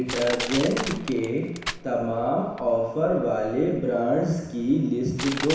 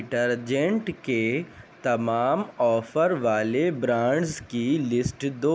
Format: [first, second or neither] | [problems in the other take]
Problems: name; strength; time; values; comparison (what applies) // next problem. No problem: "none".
second | background sound (Crushing); 11 dB below the speech // room echo; dies away in 1 s